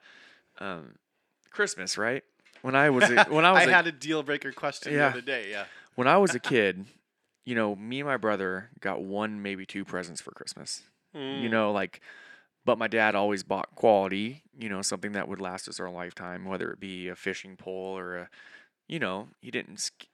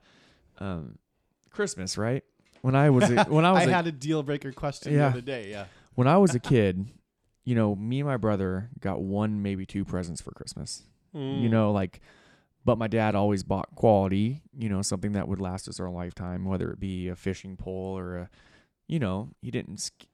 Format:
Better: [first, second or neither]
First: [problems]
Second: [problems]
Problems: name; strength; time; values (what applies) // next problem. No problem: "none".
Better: second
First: thin; somewhat; fading below 300 Hz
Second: none